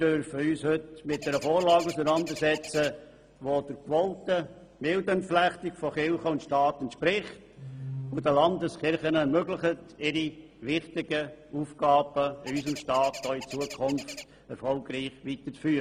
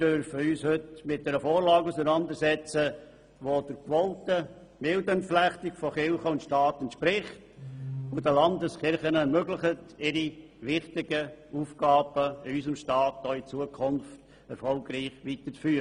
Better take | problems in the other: second | background sound (Bird); 14 dB below the speech

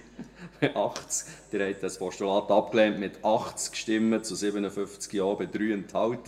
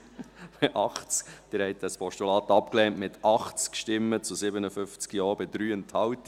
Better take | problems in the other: second | room echo; dies away in 0.7 s

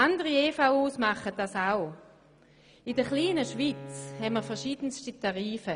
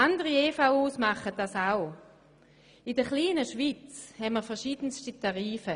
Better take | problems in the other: second | background sound (Bowed string instrument); 15 dB below the speech

